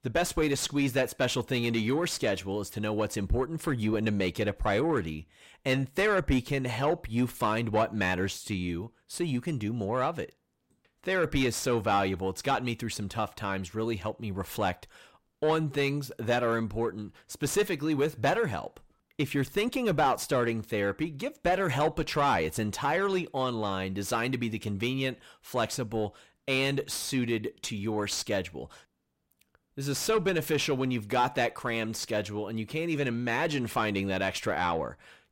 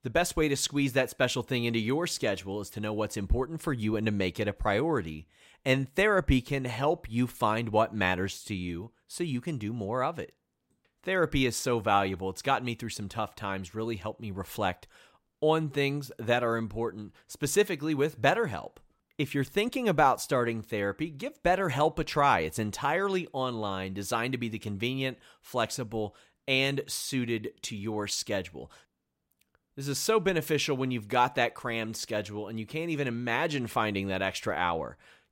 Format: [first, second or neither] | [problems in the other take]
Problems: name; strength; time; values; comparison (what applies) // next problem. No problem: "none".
second | distortion; slight; 10 dB below the speech